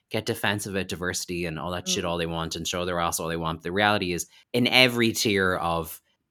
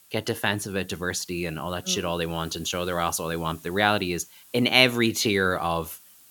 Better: first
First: none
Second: hiss; faint; throughout; 25 dB below the speech

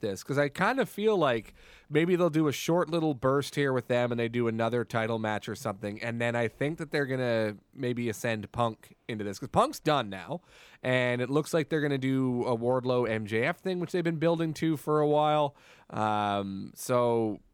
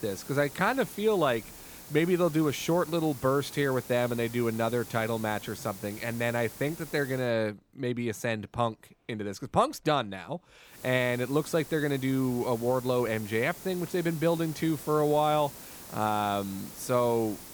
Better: first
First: none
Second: hiss; noticeable; until 7 s and from 11 s on; 15 dB below the speech

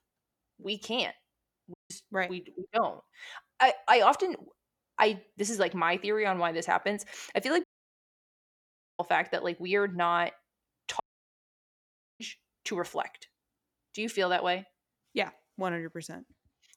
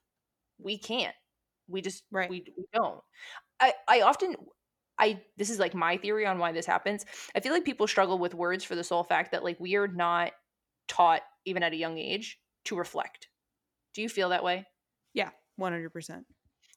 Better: second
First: audio cutting out; at 1.5 s, at 7.5 s for 1.5 s and at 11 s for 1 s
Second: none

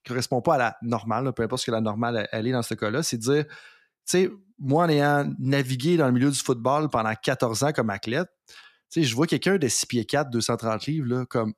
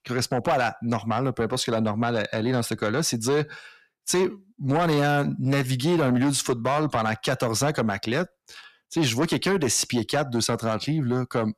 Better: first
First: none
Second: distortion; slight; 10 dB below the speech

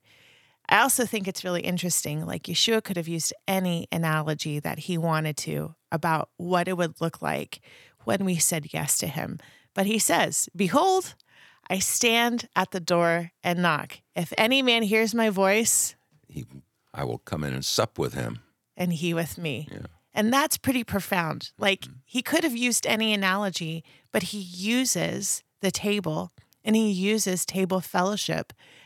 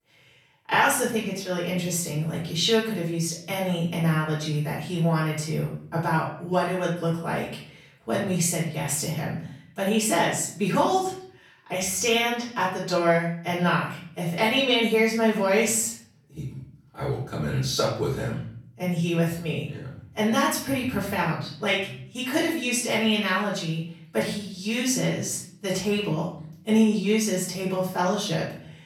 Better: first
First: none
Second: off-mic speech; far // room echo; noticeable; dies away in 0.6 s

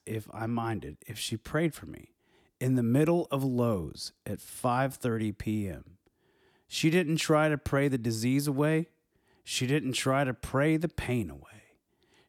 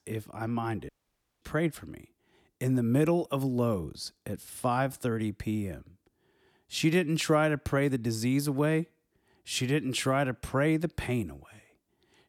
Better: first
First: none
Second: audio cutting out; at 1 s for 0.5 s

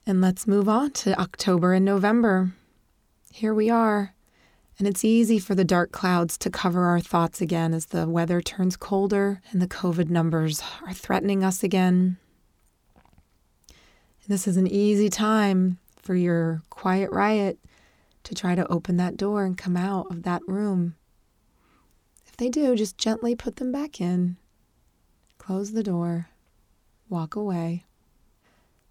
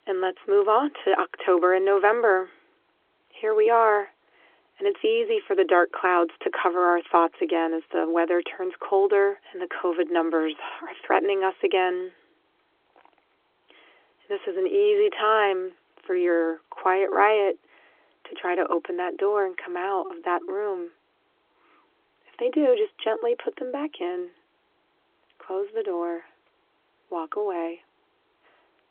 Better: first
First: none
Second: phone-call audio

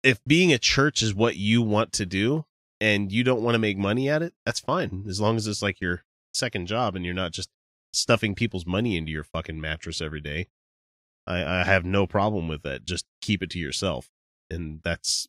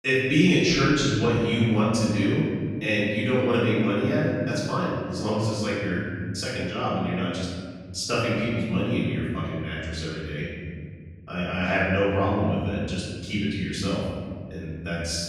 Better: first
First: none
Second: off-mic speech; far // room echo; strong; dies away in 2.2 s

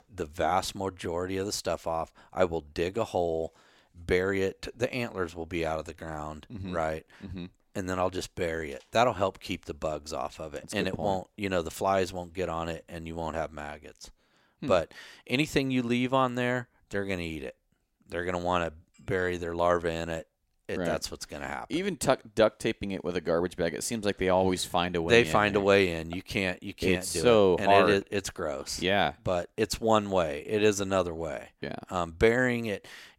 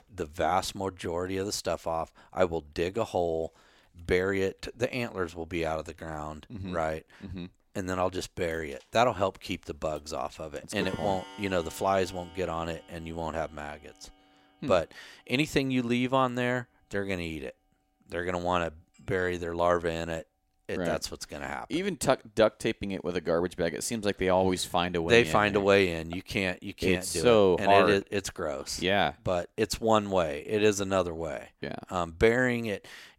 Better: first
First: none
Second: household noises; faint; throughout; 20 dB below the speech

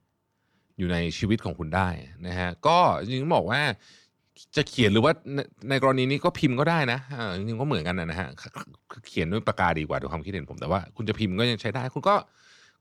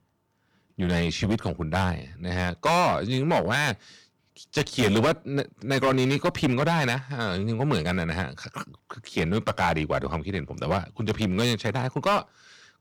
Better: first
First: none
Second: distortion; heavy; 7% of the sound clipped

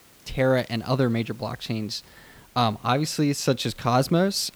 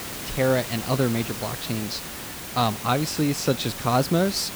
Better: first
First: hiss; faint; throughout; 30 dB below the speech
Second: hiss; loud; throughout; 8 dB below the speech

